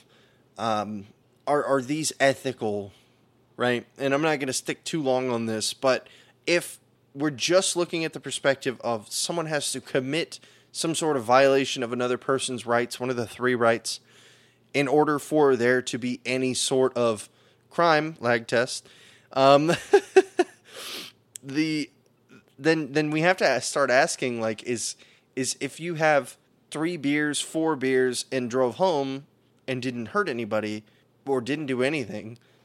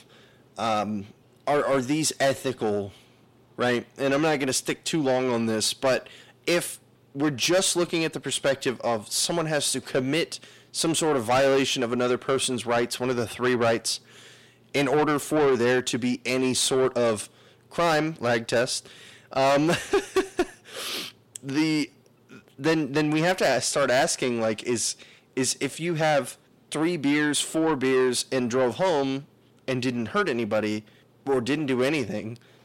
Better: first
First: none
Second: distortion; heavy; 7 dB below the speech

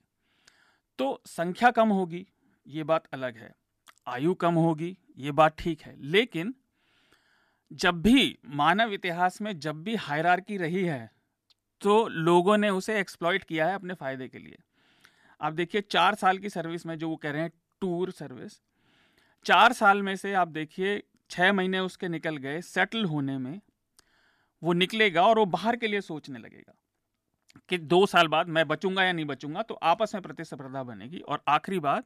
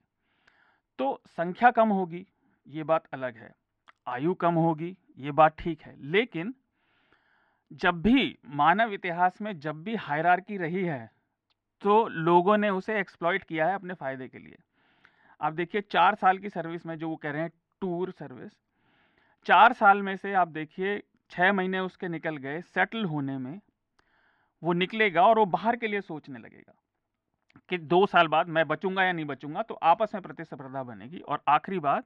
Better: first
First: none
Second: muffled; very; fading above 2.5 kHz

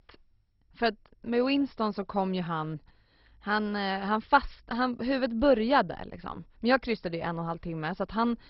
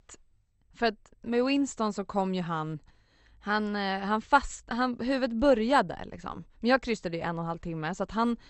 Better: second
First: garbled, watery; badly; nothing above 5 kHz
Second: garbled, watery; slightly; nothing above 8 kHz

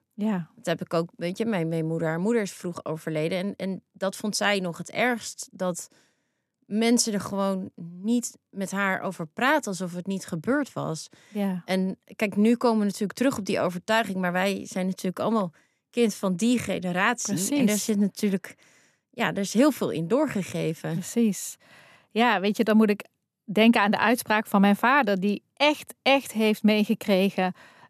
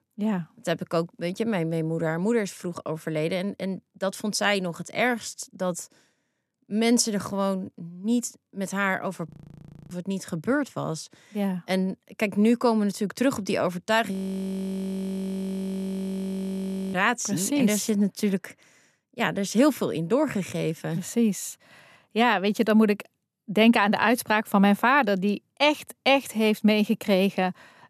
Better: first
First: none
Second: audio freezing; at 9.5 s for 0.5 s and at 14 s for 3 s

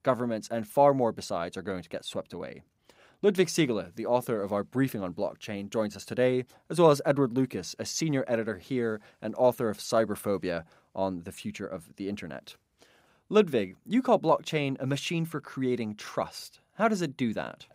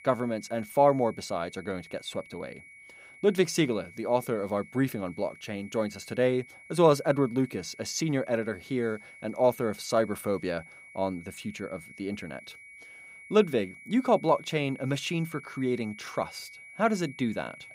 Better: first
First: none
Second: high-pitched whine; noticeable; throughout; 2 kHz, 20 dB below the speech

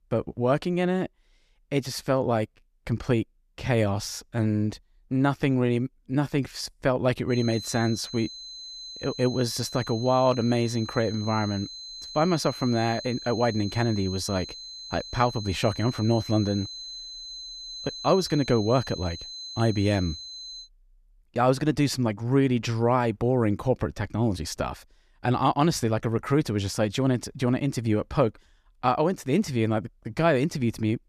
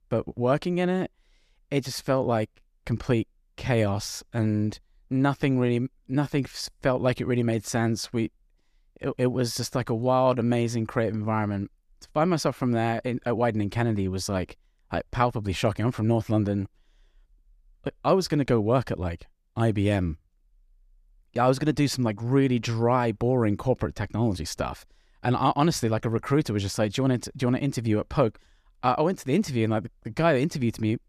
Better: second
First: high-pitched whine; noticeable; from 7.5 to 21 s; 4 kHz, 10 dB below the speech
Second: none

